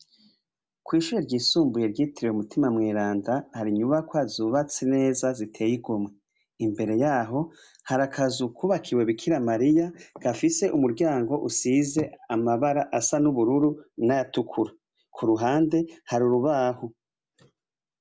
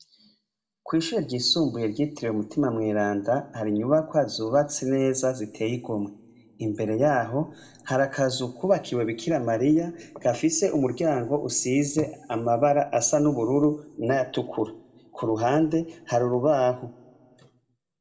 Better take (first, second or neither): first